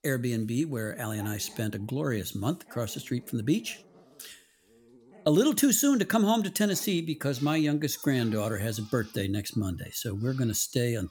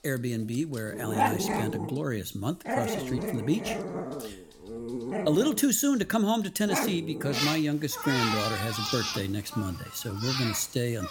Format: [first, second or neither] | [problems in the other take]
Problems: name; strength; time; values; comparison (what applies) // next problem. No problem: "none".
first | animal sounds; loud; throughout; 2 dB below the speech; faint in the first